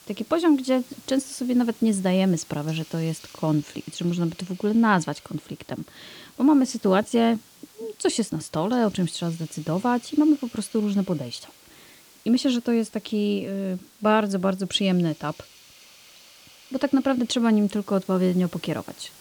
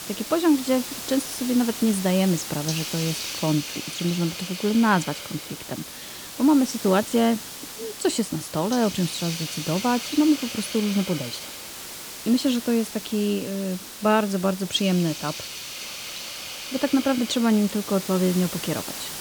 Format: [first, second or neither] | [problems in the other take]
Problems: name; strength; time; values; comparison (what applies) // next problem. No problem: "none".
first | hiss; loud; throughout; 8 dB below the speech; faint in the first